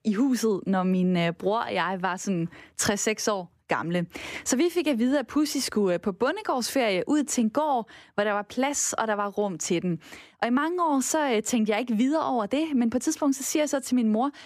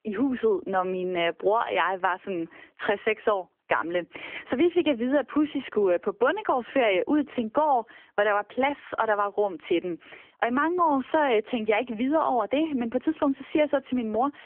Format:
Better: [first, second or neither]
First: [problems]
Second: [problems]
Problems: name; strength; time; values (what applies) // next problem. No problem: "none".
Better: first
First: none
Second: phone-call audio; poor line; nothing above 3 kHz